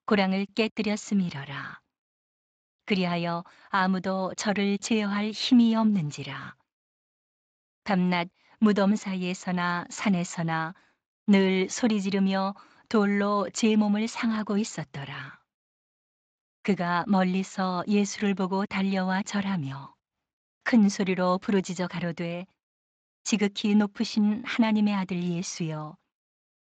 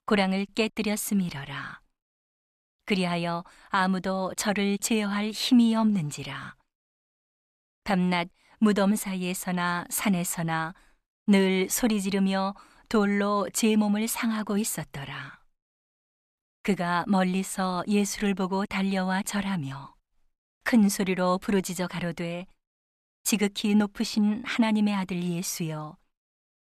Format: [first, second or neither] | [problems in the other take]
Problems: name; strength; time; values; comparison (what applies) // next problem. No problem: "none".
second | garbled, watery; slightly; nothing above 7.5 kHz